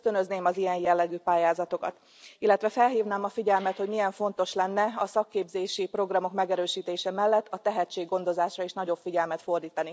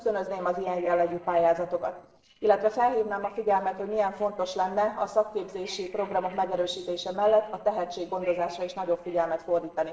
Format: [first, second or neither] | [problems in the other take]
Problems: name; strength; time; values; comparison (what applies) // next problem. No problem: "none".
first | noise reduction (neural separator model SepFormer DNS4)